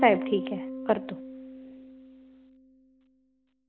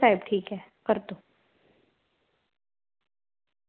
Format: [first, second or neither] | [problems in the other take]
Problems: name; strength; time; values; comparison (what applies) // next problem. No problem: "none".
second | background sound (Bass guitar); 8 dB below the speech